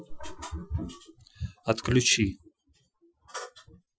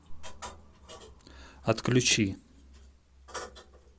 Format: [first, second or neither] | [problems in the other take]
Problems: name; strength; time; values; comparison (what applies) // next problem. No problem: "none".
second | noise reduction (classical method Wiener filter)